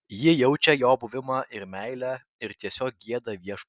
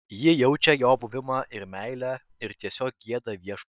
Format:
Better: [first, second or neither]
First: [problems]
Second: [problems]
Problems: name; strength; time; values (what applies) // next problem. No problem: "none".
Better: first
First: none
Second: noise reduction (neural separator model SepFormer WHAM!)